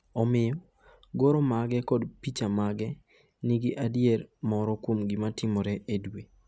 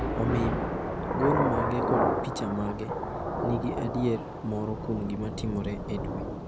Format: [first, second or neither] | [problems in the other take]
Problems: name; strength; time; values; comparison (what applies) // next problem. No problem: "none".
first | background sound (Thunder / Rain); 1 dB above the speech